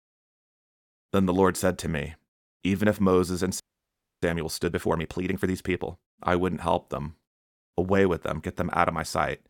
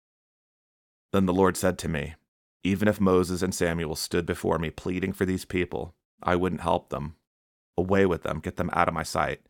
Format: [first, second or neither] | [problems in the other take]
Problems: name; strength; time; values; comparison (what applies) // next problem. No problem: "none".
second | audio freezing; at 3.5 s for 0.5 s